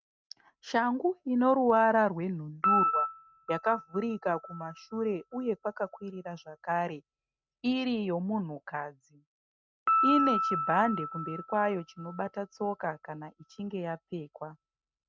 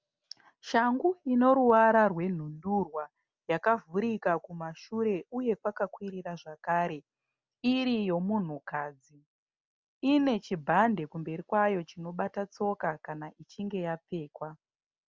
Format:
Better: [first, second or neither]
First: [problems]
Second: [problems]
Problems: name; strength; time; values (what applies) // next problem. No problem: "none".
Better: second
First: noise reduction (neural mask model RNNoise)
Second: none